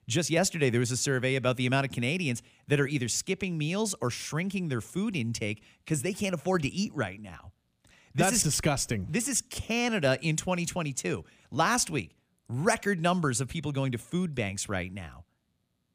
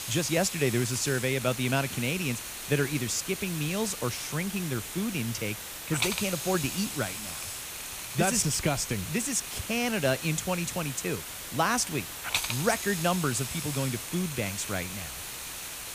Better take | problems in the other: first | hiss; loud; throughout; 5 dB below the speech

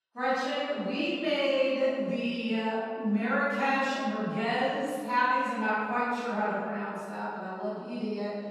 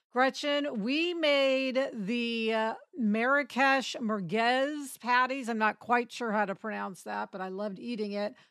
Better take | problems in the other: second | off-mic speech; far // room echo; strong; dies away in 2 s

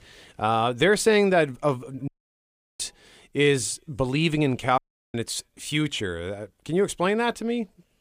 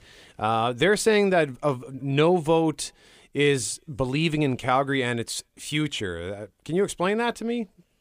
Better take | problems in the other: second | audio cutting out; at 2 s for 0.5 s and at 5 s

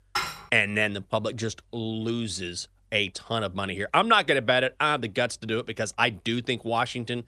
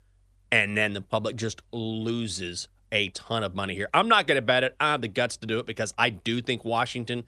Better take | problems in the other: second | clattering dishes; noticeable; at the start; peak 4 dB below the speech

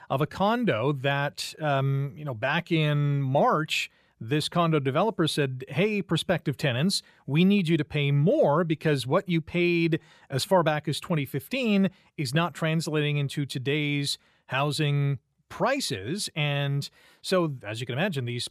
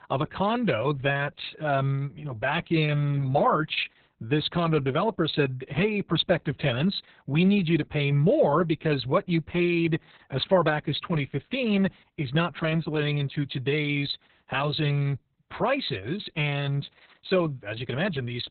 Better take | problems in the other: first | garbled, watery; badly; nothing above 4 kHz

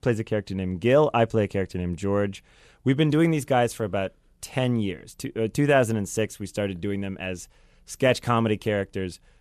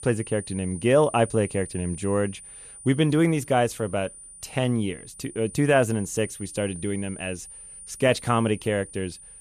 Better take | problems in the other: first | high-pitched whine; noticeable; throughout; 9.5 kHz, 15 dB below the speech

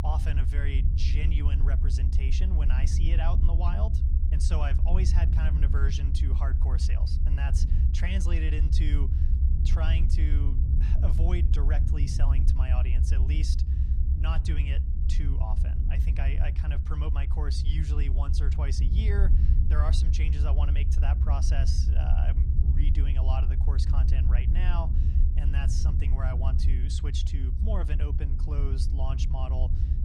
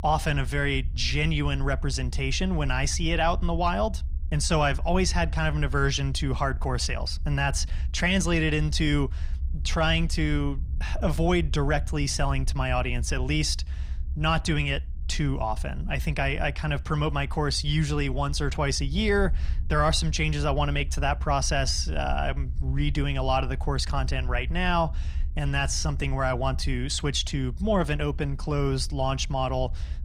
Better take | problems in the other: second | low rumble; loud; throughout; 4 dB below the speech; faint in the second

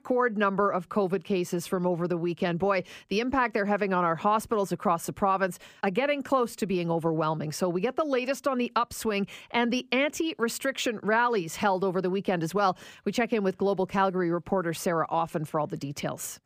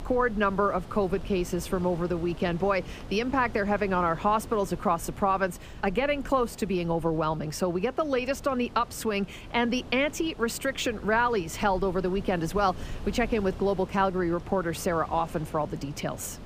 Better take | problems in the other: first | wind noise on the microphone; occasional gusts; 20 dB below the speech

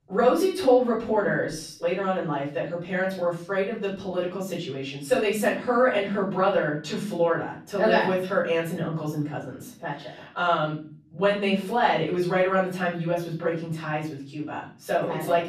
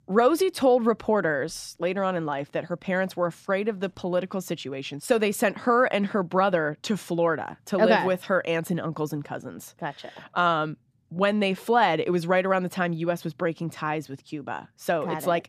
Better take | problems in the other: second | off-mic speech; far // room echo; slight; dies away in 0.4 s

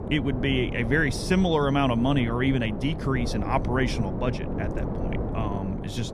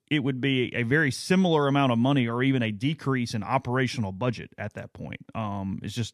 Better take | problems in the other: second | wind noise on the microphone; heavy; 9 dB below the speech

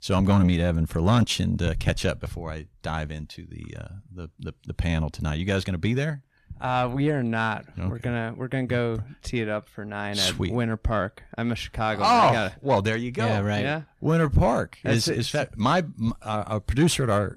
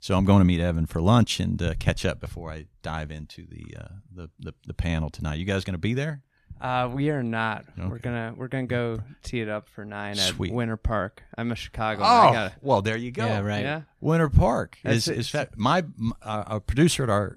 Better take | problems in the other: second | distortion; slight; 10 dB below the speech

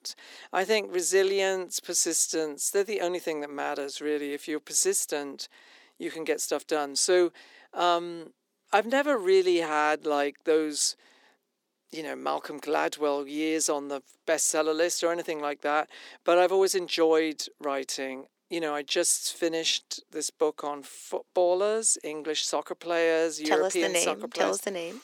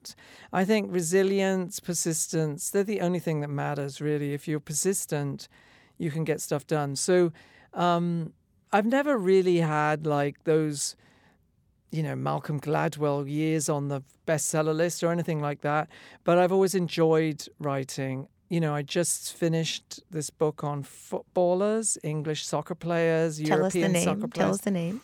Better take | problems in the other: second | thin; somewhat; fading below 300 Hz

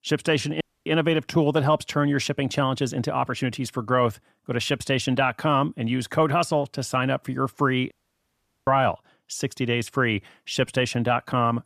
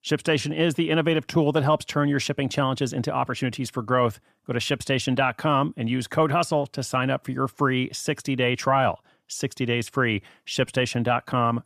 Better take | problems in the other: second | audio cutting out; at 0.5 s and at 8 s for 1 s

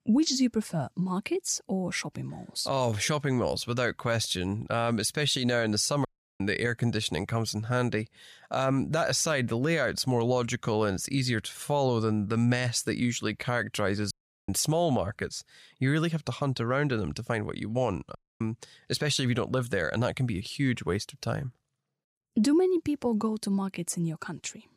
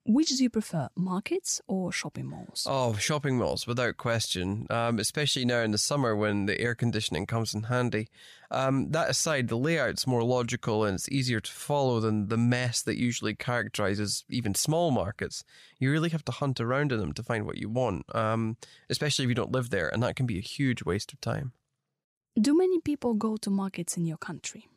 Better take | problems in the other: second | audio cutting out; at 6 s, at 14 s and at 18 s

